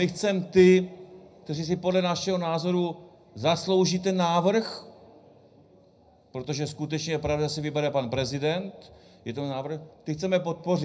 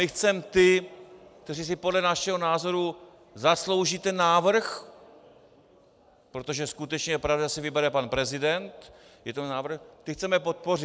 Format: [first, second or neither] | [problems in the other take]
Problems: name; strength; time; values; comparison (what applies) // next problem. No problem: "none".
second | room echo; dies away in 0.4 s